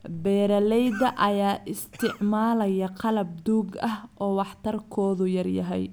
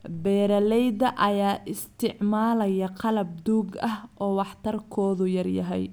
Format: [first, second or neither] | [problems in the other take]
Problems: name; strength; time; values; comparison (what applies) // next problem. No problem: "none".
second | background sound (Cough); 16 dB below the speech